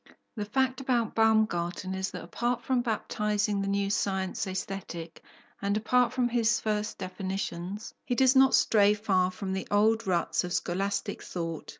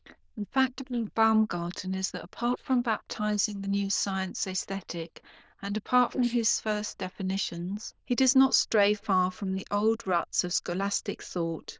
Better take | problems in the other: first | noise reduction (neural diffusion model UNIVERSE++)

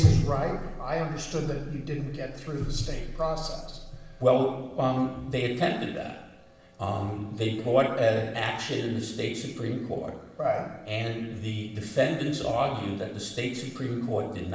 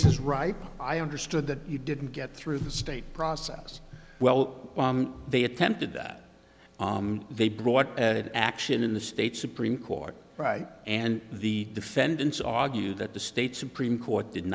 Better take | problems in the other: second | room echo; dies away in 0.9 s

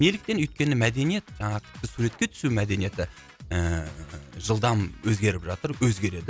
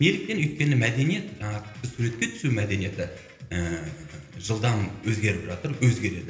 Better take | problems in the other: first | room echo; dies away in 1.4 s

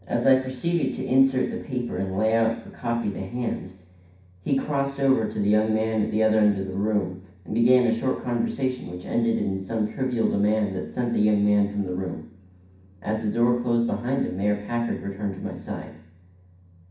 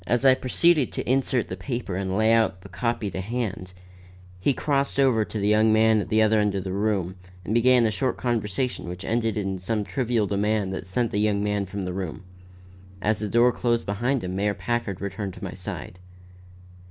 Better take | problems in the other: second | room echo; dies away in 0.6 s

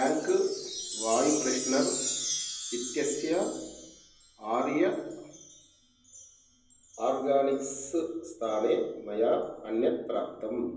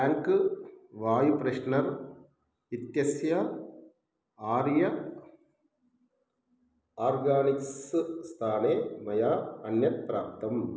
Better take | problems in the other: second | background sound (Chime); 9 dB below the speech // room echo; dies away in 0.3 s

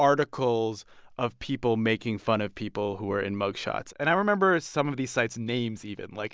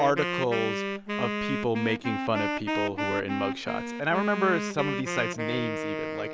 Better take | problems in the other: first | background sound (Wind instrument, woodwind instrument); 2 dB below the speech

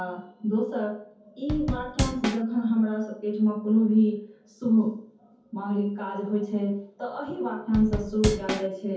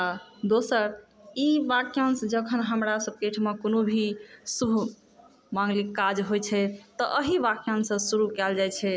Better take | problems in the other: second | background sound (Drum / Drum kit); 2 dB below the speech // room echo; dies away in 0.6 s

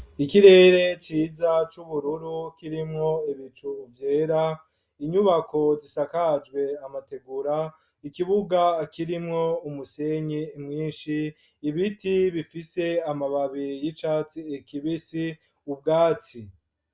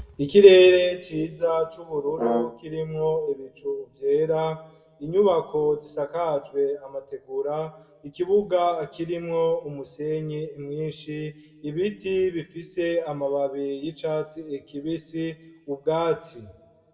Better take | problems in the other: first | background sound (Brass instrument); 5 dB below the speech // room echo; dies away in 0.9 s

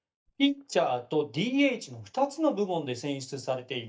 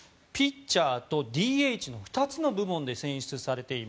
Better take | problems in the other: second | noise reduction (neural mask model DeepFilterNet 3)

